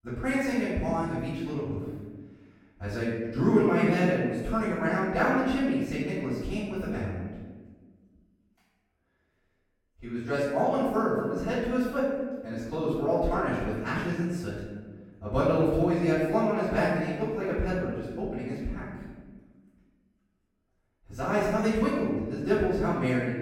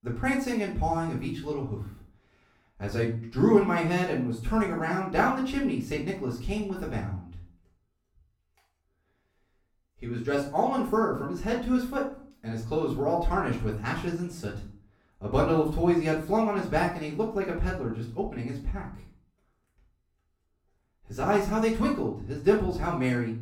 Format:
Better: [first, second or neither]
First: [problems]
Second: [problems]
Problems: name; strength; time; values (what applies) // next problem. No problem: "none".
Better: second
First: room echo; strong; dies away in 1.3 s // off-mic speech; far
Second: room echo; slight; dies away in 0.4 s // off-mic speech; far